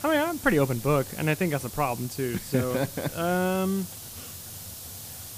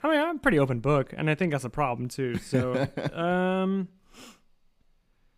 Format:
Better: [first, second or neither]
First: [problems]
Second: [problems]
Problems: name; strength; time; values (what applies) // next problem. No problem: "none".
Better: second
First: hiss; noticeable; throughout; 10 dB below the speech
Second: none